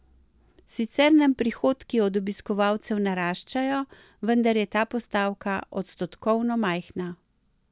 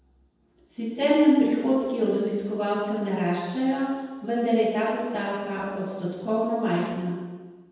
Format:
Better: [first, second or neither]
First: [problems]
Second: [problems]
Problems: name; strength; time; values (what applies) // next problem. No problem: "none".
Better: first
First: none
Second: room echo; dies away in 1.2 s